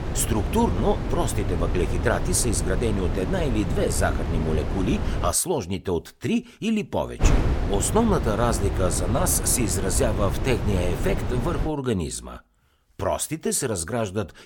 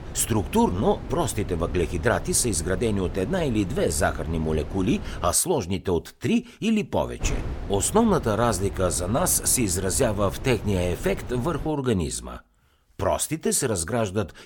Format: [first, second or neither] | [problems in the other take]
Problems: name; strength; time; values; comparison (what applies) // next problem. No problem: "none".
second | wind noise on the microphone; heavy; until 5.5 s and from 7 to 12 s; 7 dB below the speech; occasional gusts in the second